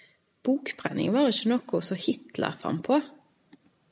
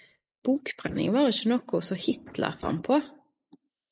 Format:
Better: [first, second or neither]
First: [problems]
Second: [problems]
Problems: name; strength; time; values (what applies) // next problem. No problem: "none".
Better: first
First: none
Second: noise reduction (neural mask model Resemble Enhance denoiser)